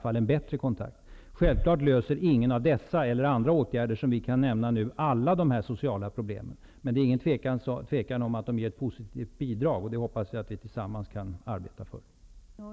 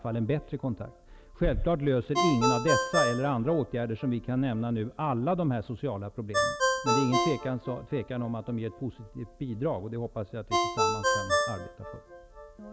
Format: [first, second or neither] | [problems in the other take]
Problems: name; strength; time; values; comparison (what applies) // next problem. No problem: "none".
first | background sound (Ringtone); 2 dB below the speech